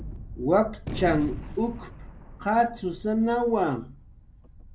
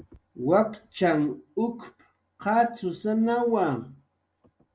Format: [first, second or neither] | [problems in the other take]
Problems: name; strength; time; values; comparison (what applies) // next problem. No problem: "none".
second | background sound (Gunshot, gunfire); 12 dB below the speech